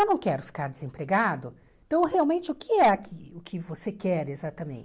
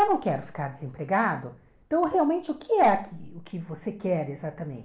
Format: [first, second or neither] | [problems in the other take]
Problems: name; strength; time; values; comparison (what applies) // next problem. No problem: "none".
first | room echo; dies away in 0.4 s